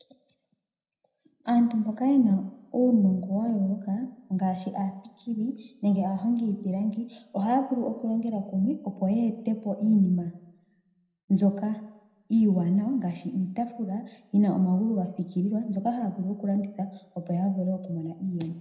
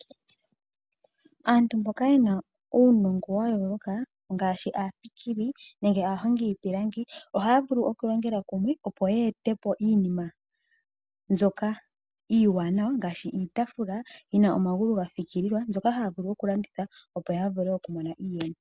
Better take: second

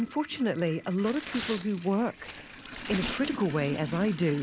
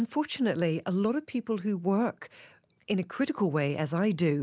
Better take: second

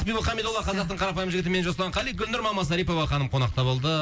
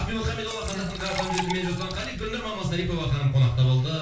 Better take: first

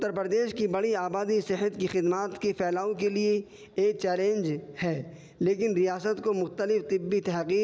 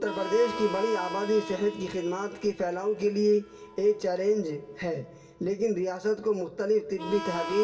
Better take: first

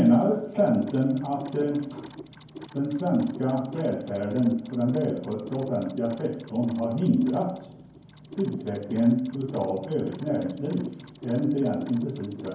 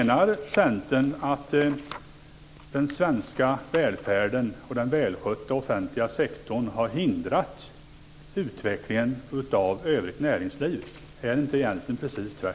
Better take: second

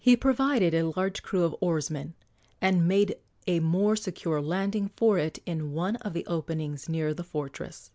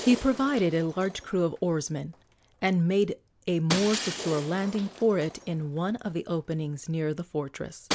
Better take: first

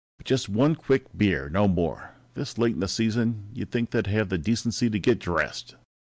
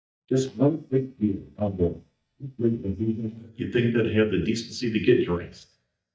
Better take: first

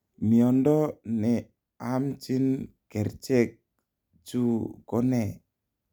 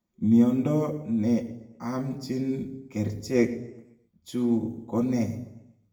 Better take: first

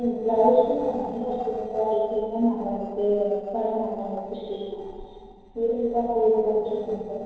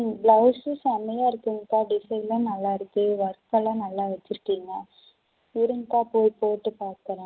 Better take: second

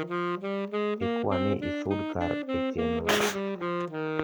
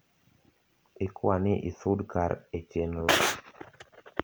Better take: second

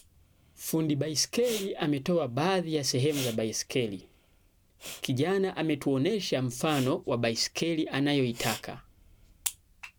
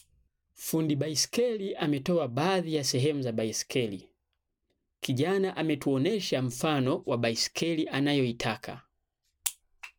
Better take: second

